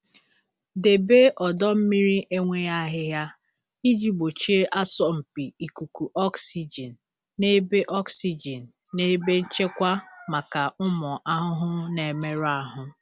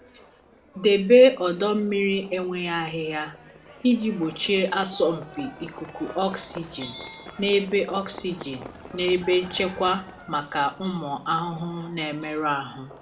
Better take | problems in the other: first | background sound (Livestock, farm animals, working animals); 19 dB below the speech // room echo; dies away in 0.7 s

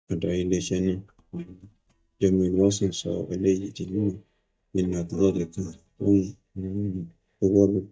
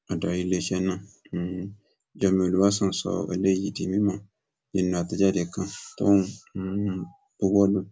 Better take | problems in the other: second | noise reduction (neural mask model DeepFilterNet 3)

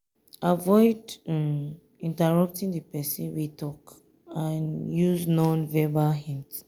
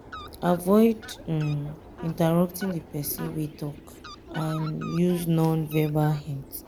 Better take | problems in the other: first | background sound (Fowl); 17 dB below the speech

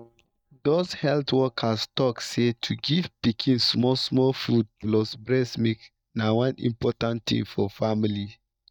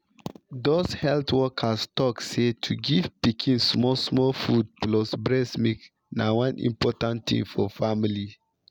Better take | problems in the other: second | noise reduction (neural mask model DeepFilterNet 3)

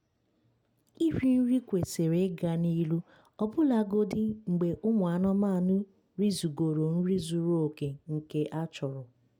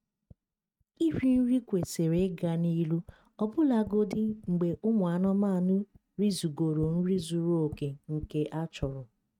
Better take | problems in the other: first | noise reduction (neural mask model RNNoise)

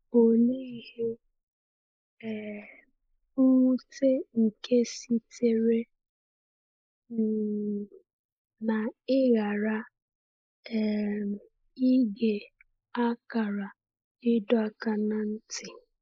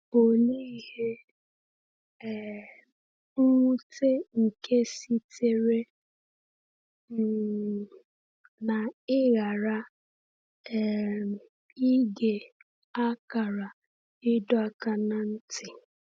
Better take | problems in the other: second | noise reduction (neural mask model Resemble Enhance denoiser)

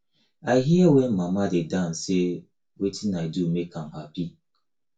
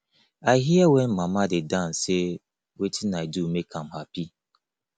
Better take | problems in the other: second | room echo; dies away in 0.2 s

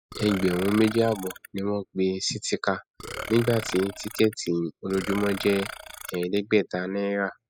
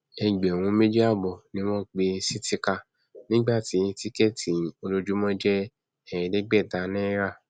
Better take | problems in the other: second | noise reduction (classical method spectral subtraction)

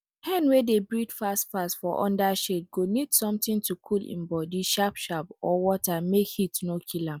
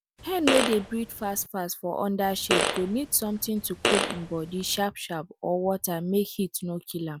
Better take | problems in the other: first | background sound (Fart); 2 dB below the speech

